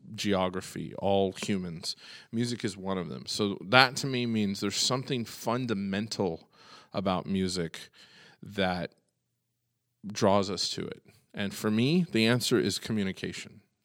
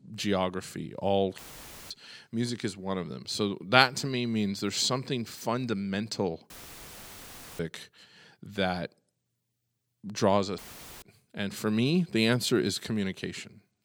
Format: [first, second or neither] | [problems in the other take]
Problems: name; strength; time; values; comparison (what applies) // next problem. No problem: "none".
first | audio cutting out; filled with static; at 1.5 s for 0.5 s, at 6.5 s for 1 s and at 11 s